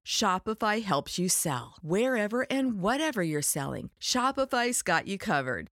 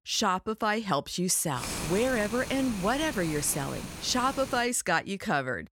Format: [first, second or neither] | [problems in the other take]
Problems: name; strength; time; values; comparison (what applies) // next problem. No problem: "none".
first | hiss; loud; from 1.5 to 4.5 s; 9 dB below the speech